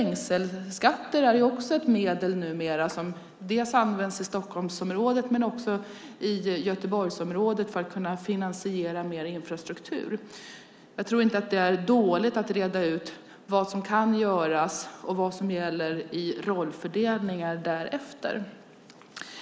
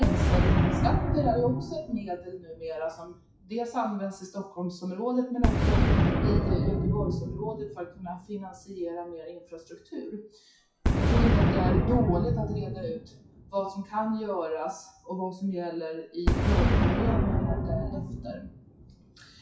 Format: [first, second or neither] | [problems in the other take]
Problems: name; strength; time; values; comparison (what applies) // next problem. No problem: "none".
first | noise reduction (classical method WPE with log-MMSE)